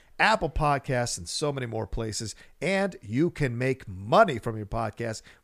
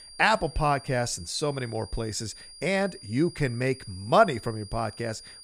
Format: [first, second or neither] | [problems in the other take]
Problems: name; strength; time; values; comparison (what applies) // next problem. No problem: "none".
first | high-pitched whine; noticeable; throughout; 5 kHz, 15 dB below the speech